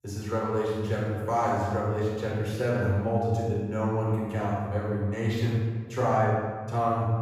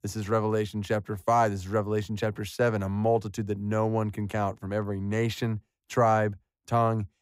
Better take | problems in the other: second | room echo; strong; dies away in 1.5 s // off-mic speech; far

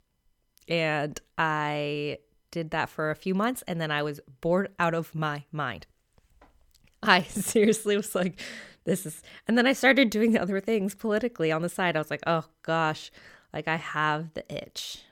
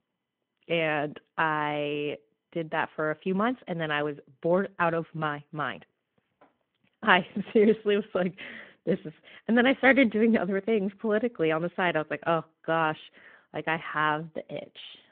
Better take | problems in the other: first | phone-call audio

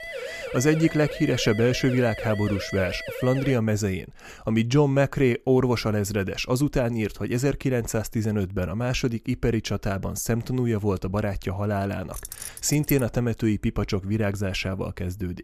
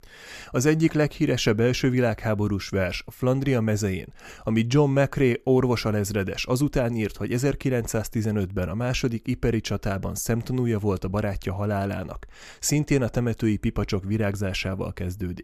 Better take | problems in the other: second | siren; noticeable; until 3.5 s; peak 9 dB below the speech // jangling keys; noticeable; at 12 s; peak 9 dB below the speech

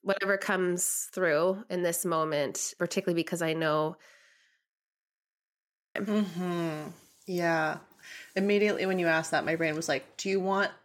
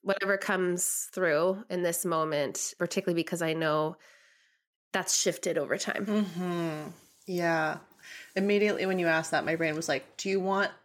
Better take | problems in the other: second | audio freezing; at 4.5 s for 1.5 s

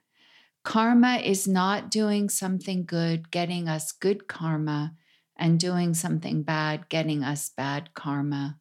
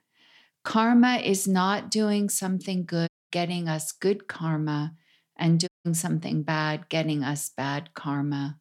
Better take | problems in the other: first | audio cutting out; at 3 s and at 5.5 s

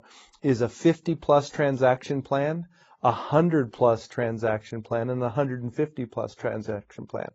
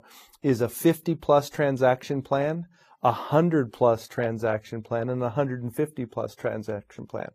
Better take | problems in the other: second | garbled, watery; badly; nothing above 7.5 kHz; slightly in the second

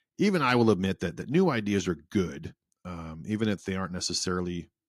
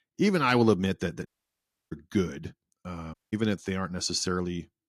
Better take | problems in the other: first | audio cutting out; at 1.5 s for 0.5 s and at 3 s

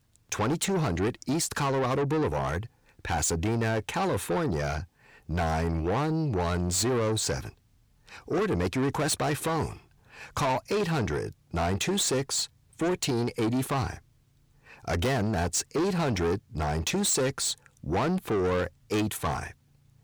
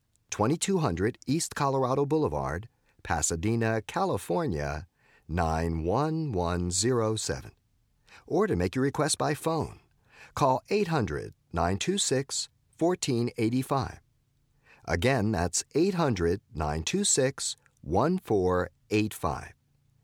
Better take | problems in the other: second | distortion; heavy; 8 dB below the speech

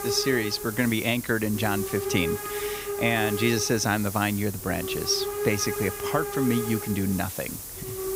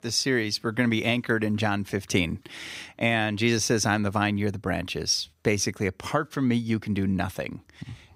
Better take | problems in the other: second | hiss; loud; throughout; 5 dB below the speech

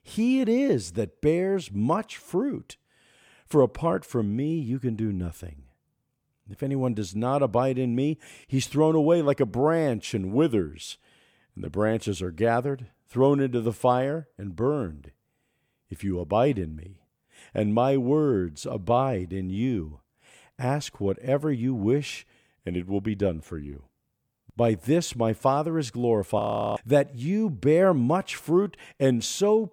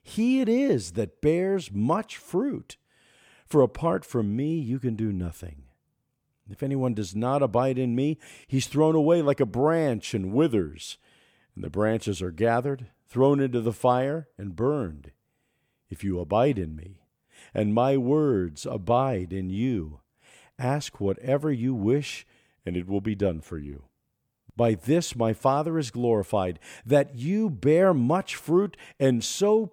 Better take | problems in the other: second | audio freezing; at 26 s

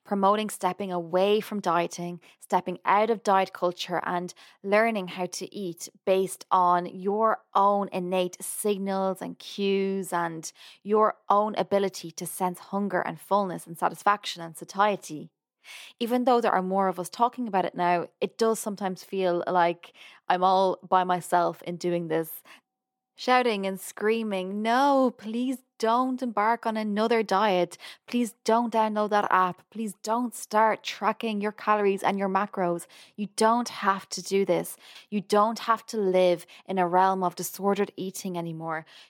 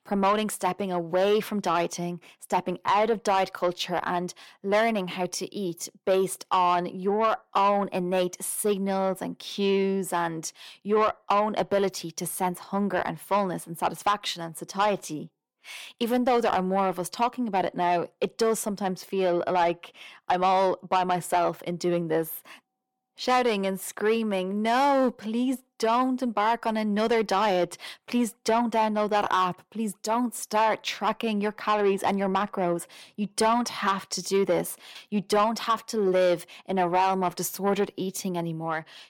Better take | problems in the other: first | distortion; slight; 10 dB below the speech

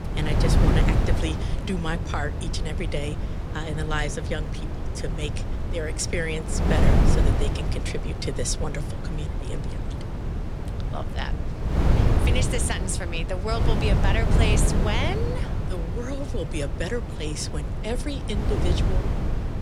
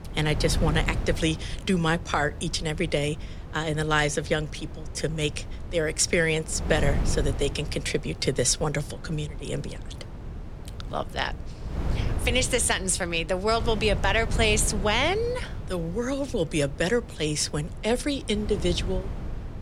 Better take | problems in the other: second | wind noise on the microphone; heavy; 3 dB below the speech; occasional gusts in the second

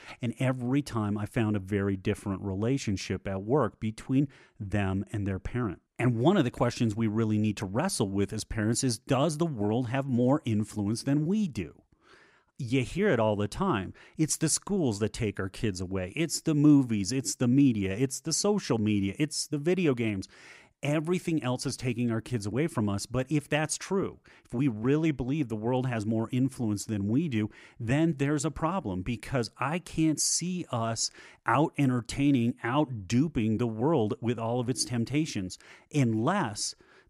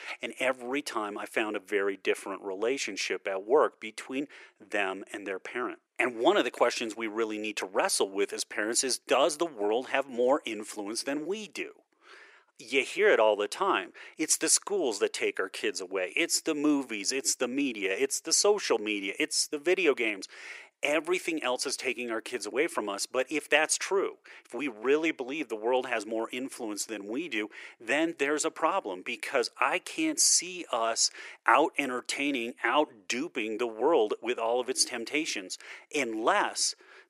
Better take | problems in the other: first | thin; very; fading below 400 Hz

